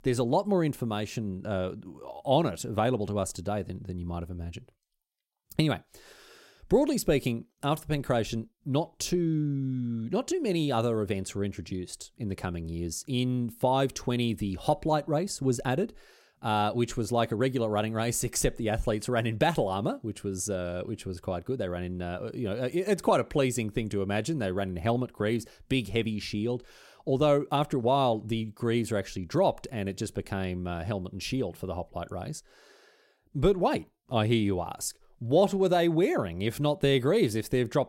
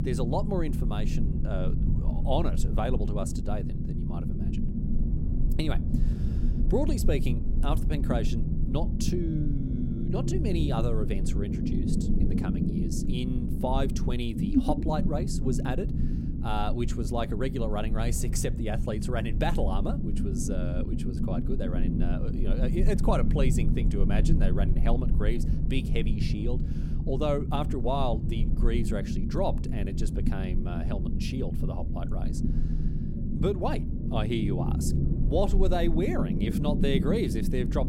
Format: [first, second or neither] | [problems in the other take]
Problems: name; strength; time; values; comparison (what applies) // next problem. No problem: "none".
first | low rumble; loud; throughout; 5 dB below the speech